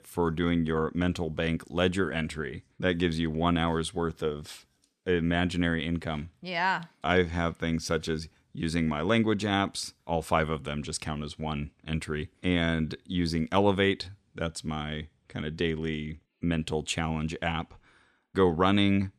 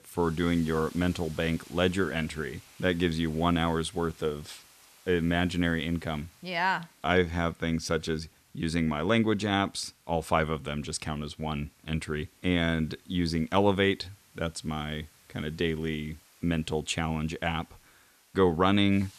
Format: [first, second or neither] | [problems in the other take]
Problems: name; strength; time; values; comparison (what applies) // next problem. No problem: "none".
first | hiss; faint; throughout; 25 dB below the speech